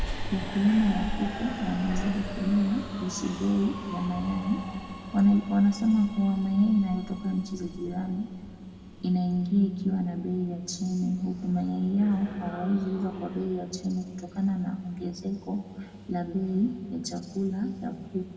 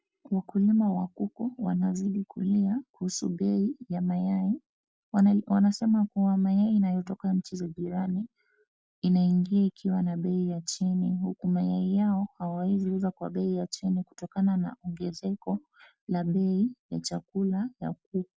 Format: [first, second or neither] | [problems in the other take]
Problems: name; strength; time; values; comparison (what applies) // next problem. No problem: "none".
second | background sound (Subway, metro, underground); 12 dB below the speech // room echo; dies away in 1.9 s